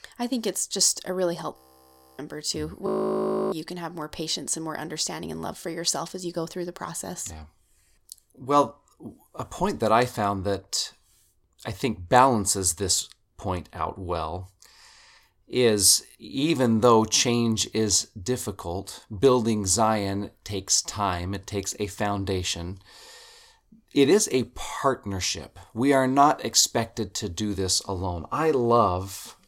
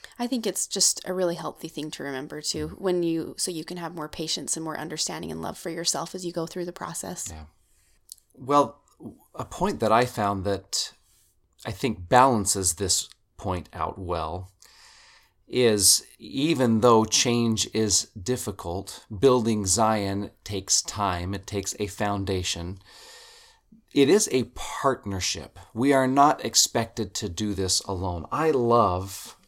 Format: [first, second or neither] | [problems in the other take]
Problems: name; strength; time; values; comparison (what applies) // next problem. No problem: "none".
second | audio freezing; at 1.5 s for 0.5 s and at 3 s for 0.5 s